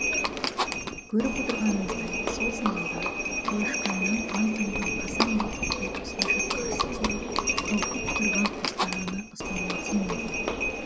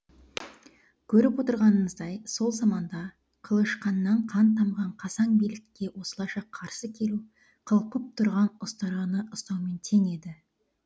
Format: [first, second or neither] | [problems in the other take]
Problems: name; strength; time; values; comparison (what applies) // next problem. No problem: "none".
second | background sound (Livestock, farm animals, working animals); 3 dB above the speech